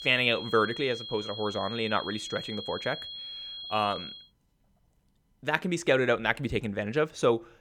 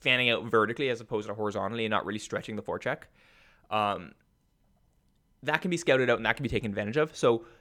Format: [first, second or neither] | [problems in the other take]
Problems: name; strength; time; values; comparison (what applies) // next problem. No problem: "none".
second | high-pitched whine; loud; until 4 s; 3.5 kHz, 9 dB below the speech